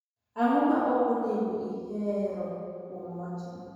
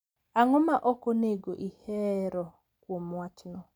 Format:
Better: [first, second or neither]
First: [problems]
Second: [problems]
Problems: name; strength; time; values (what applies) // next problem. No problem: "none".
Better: second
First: room echo; dies away in 1.9 s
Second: none